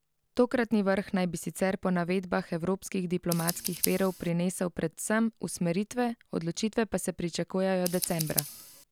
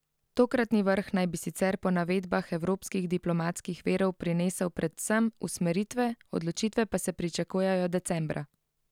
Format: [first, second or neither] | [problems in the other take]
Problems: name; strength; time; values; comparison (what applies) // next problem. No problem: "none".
second | background sound (Scissors); 12 dB below the speech